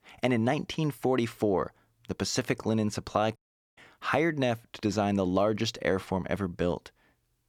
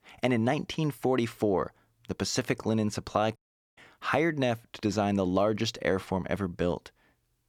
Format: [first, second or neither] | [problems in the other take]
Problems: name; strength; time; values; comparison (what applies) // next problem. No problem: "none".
neither | audio cutting out; at 3.5 s; the same in both